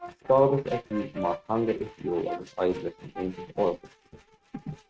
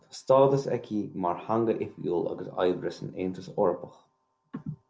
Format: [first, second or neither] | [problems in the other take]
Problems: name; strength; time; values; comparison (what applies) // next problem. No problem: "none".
second | noise reduction (neural mask model RNNoise)